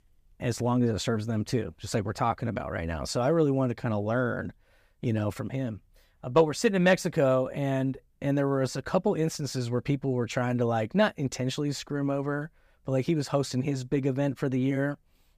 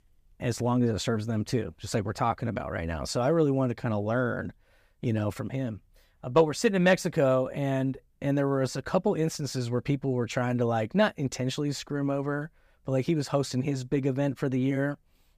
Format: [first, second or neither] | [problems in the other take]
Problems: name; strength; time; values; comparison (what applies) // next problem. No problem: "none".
neither | none